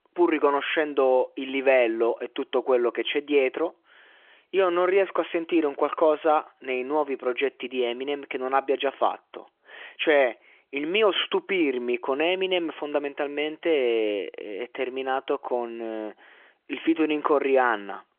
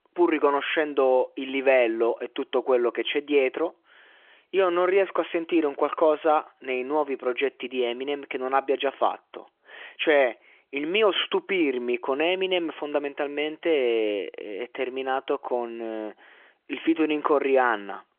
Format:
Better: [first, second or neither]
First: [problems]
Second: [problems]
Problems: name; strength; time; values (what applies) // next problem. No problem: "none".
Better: neither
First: phone-call audio; nothing above 3.5 kHz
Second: phone-call audio; nothing above 3.5 kHz